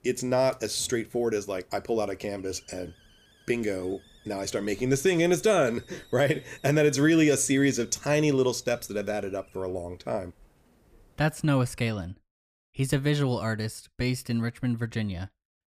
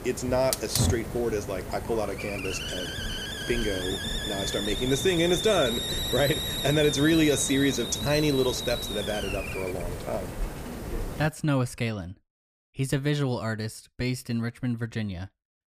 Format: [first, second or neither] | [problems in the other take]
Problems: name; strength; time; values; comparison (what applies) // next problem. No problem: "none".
first | hiss; loud; until 11 s; 3 dB below the speech; faint in the first